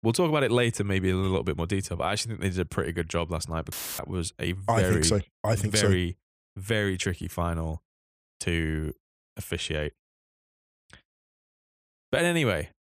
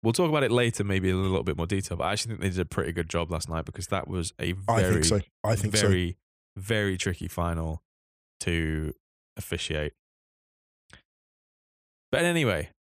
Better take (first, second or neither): second